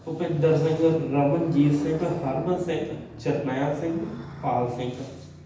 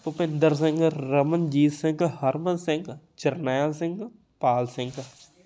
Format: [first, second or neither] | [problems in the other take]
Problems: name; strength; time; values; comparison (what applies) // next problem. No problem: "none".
second | background sound (Motorcycle); 15 dB below the speech // room echo; dies away in 0.9 s